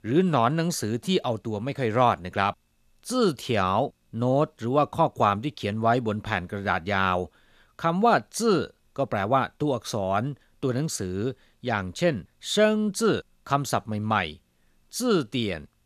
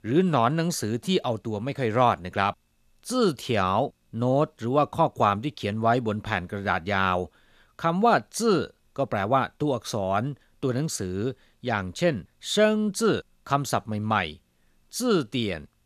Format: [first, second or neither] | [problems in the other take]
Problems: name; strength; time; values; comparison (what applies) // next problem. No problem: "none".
neither | none